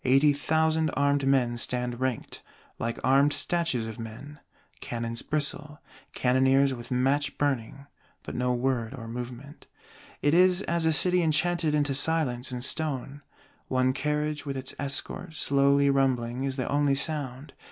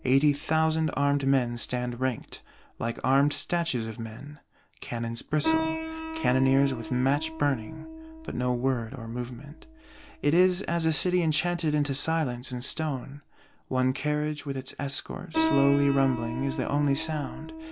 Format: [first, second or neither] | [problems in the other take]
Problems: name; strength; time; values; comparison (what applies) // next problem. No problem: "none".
first | background sound (Piano); 10 dB below the speech